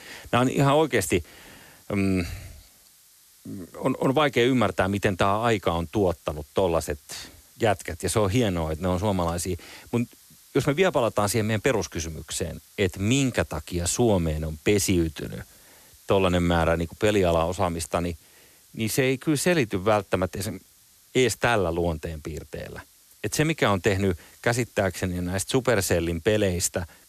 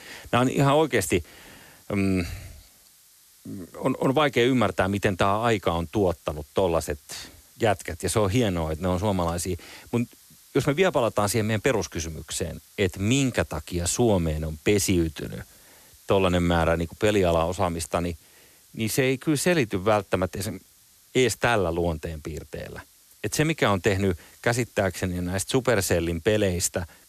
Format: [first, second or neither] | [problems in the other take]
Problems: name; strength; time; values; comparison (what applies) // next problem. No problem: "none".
neither | hiss; faint; throughout; 25 dB below the speech; the same in both